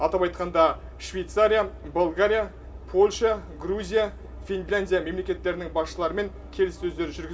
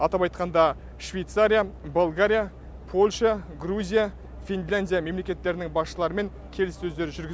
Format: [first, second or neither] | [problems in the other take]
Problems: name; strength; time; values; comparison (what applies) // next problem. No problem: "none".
second | room echo; dies away in 0.3 s